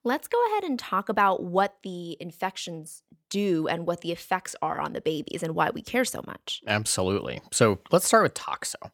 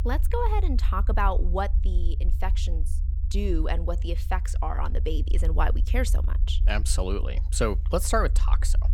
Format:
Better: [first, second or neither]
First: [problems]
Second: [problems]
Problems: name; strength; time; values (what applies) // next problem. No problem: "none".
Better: first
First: none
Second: low rumble; noticeable; throughout; 15 dB below the speech